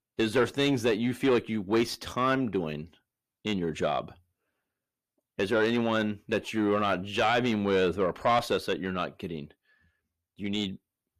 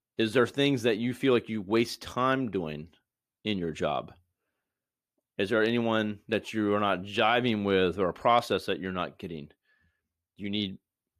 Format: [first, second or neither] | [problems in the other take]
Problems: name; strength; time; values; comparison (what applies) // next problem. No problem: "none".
second | distortion; slight; 10 dB below the speech